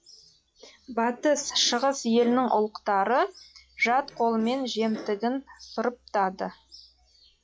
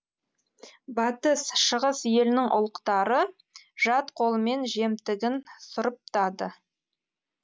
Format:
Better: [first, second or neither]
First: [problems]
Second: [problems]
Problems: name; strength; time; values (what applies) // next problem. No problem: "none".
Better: second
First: noise reduction (classical method log-MMSE)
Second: none